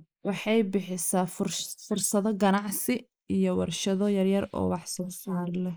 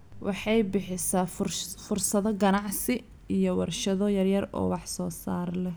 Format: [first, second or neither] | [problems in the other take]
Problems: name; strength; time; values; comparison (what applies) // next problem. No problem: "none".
second | noise reduction (neural mask model Resemble Enhance denoiser)